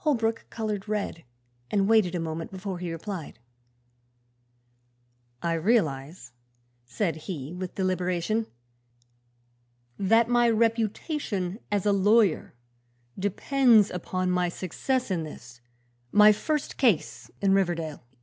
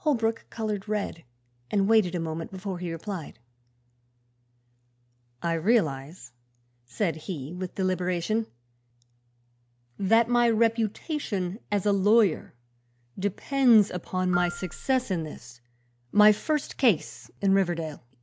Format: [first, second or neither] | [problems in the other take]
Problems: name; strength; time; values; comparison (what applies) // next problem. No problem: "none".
first | background sound (Marimba, xylophone); 13 dB below the speech